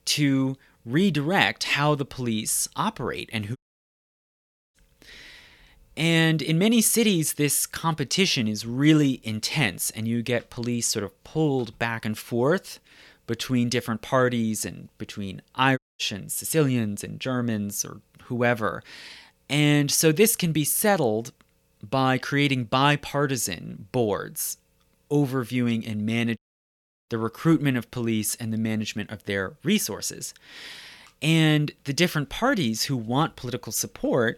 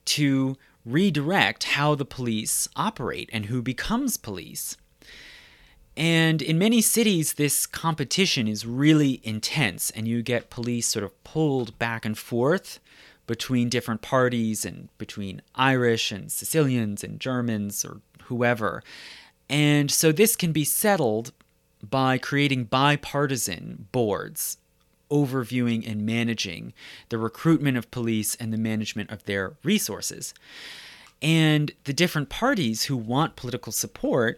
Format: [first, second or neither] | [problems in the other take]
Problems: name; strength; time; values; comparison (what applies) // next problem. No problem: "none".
second | audio cutting out; at 3.5 s for 1 s, at 16 s and at 26 s for 0.5 s